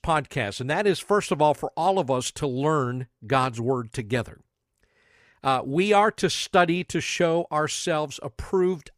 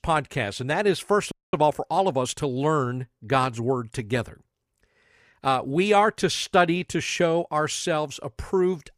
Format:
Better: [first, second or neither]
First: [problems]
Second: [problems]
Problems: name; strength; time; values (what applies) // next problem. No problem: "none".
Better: first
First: none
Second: audio freezing; at 1.5 s